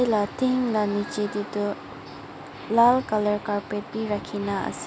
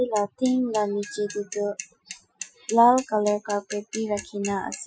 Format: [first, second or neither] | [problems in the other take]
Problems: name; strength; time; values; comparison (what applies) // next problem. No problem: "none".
first | noise reduction (classical method Wiener filter)